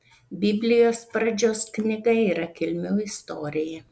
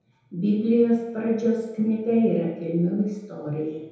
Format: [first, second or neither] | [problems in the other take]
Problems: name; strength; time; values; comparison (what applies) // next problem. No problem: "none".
first | room echo; dies away in 0.9 s